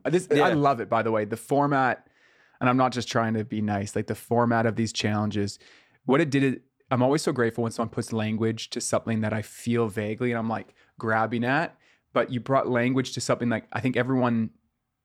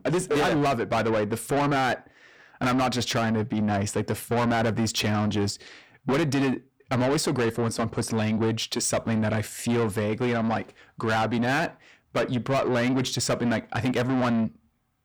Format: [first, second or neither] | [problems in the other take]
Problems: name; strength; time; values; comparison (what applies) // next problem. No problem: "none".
first | distortion; heavy; 7 dB below the speech